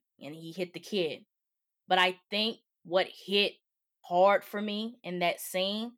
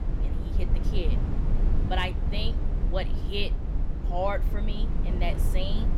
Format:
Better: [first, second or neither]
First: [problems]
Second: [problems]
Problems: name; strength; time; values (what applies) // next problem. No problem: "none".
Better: first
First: none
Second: low rumble; loud; throughout; 8 dB below the speech